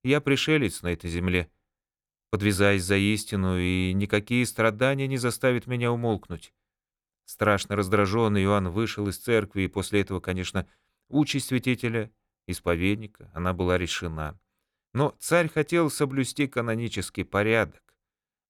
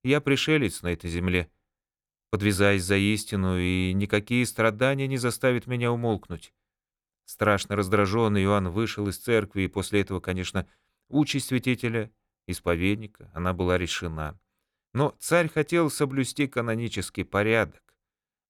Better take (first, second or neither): neither